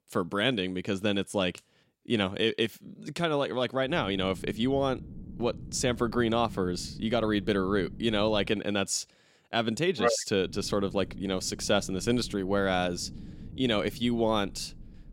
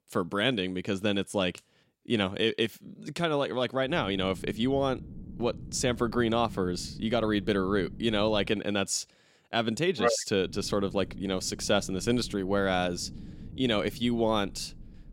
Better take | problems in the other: neither | low rumble; faint; from 4 to 8.5 s and from 10 s on; 25 dB below the speech; the same in both

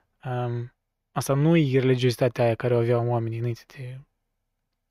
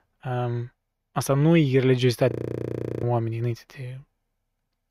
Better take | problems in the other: first | audio freezing; at 2.5 s for 0.5 s

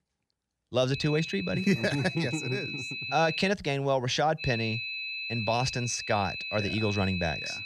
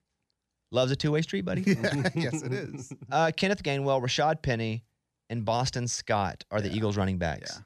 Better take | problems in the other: second | high-pitched whine; loud; from 1 to 3.5 s and from 4.5 s on; 2.5 kHz, 5 dB below the speech

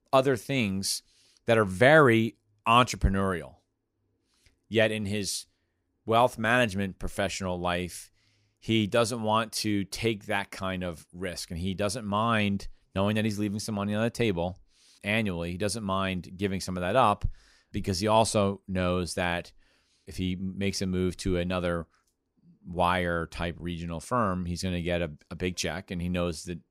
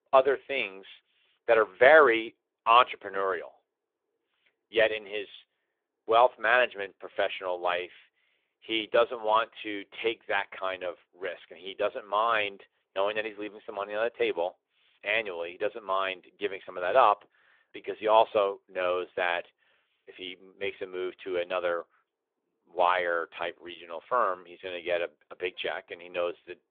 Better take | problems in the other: first | phone-call audio; nothing above 3.5 kHz

